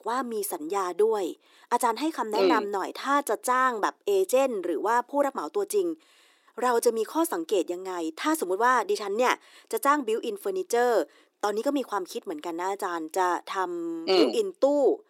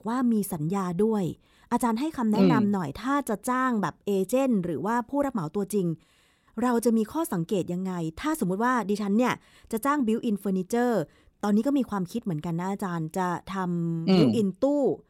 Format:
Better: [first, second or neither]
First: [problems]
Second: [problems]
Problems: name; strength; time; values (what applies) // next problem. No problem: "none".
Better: second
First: thin; somewhat; fading below 350 Hz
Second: none